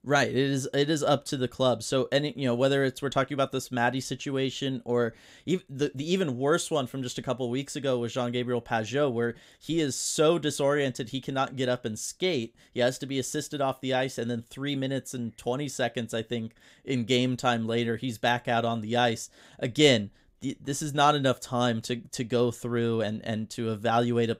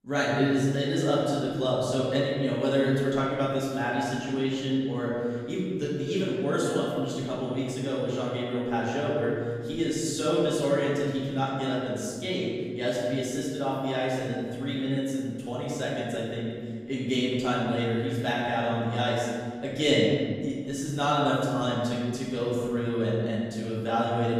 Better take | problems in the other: first | room echo; strong; dies away in 1.7 s // off-mic speech; far

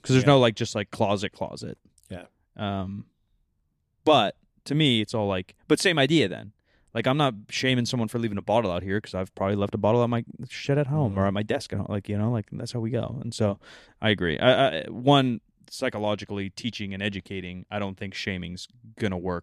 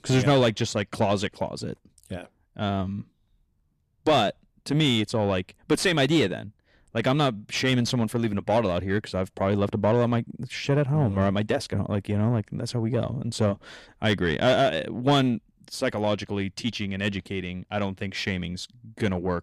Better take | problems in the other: first | distortion; slight; 10 dB below the speech

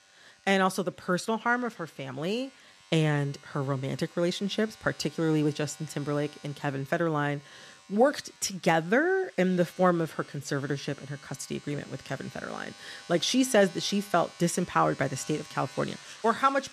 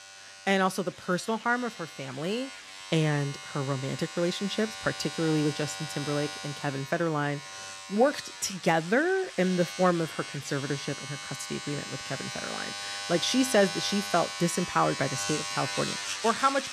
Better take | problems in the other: first | household noises; loud; throughout; 7 dB below the speech; faint in the first

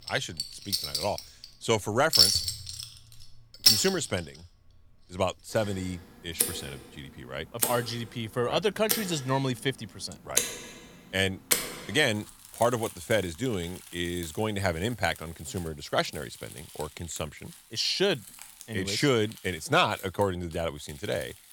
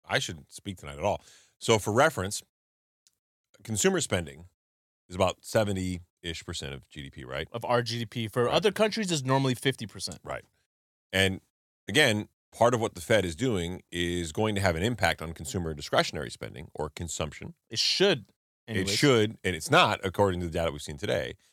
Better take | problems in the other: second | household noises; very loud; throughout; 3 dB above the speech

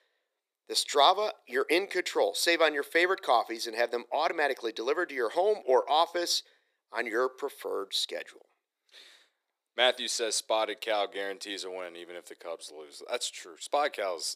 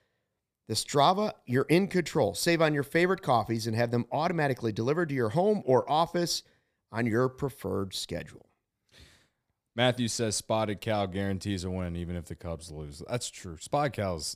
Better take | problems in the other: second | thin; very; fading below 350 Hz

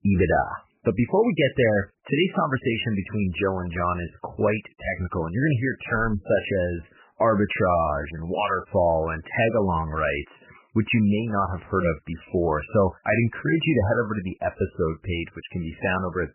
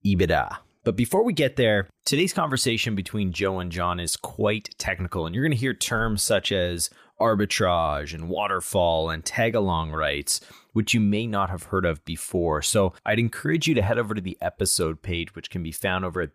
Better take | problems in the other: second | garbled, watery; badly; nothing above 3 kHz

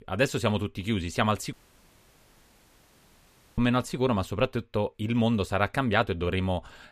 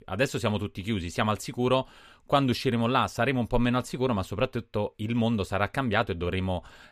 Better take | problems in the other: second | audio cutting out; at 1.5 s for 2 s

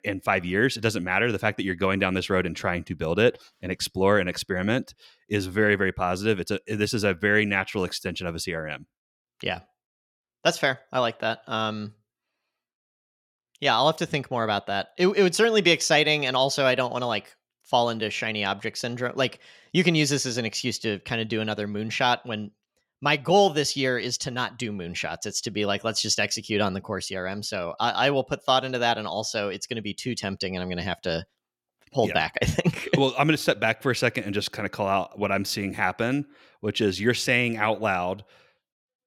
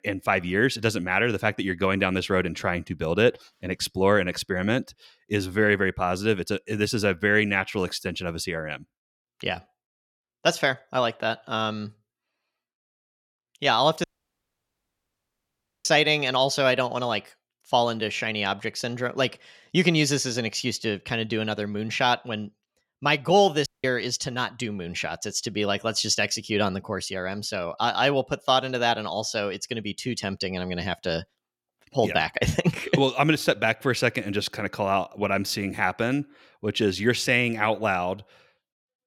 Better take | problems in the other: first | audio cutting out; at 14 s for 2 s and at 24 s

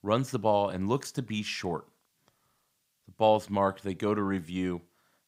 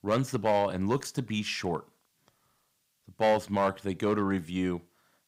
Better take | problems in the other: first | distortion; slight; 1.9% of the sound clipped

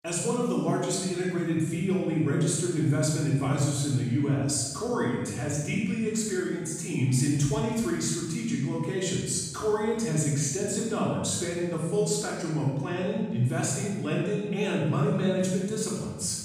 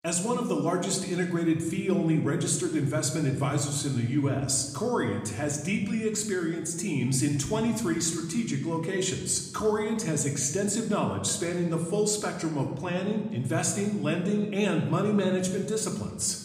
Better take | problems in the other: second | room echo; strong; dies away in 1.1 s; slight in the second // off-mic speech; far; somewhat distant in the second

